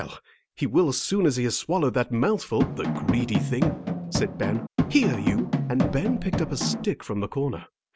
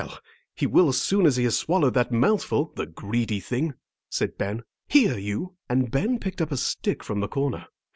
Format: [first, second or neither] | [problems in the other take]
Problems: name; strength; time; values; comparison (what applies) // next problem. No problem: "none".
second | background sound (Drum); as loud as the speech